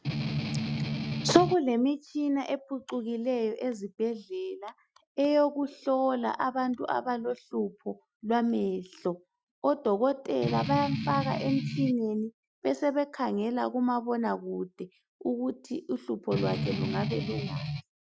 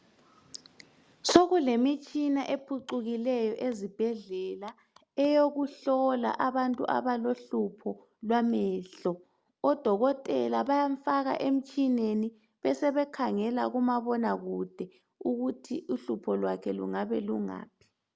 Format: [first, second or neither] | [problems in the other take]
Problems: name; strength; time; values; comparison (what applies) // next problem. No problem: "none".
second | noise reduction (classical method Wiener filter)